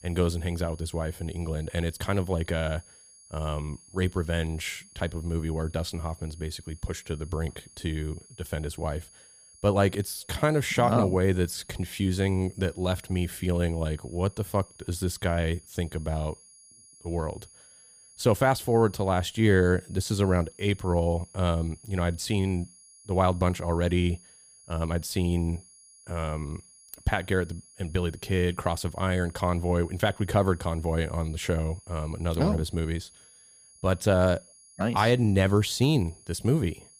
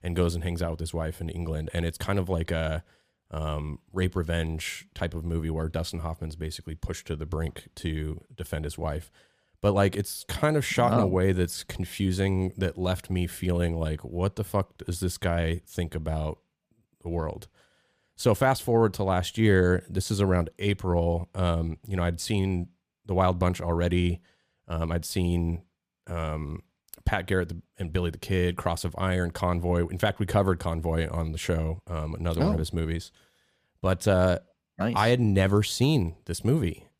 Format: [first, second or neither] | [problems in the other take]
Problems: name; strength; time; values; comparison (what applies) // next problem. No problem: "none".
second | high-pitched whine; faint; throughout; 10.5 kHz, 25 dB below the speech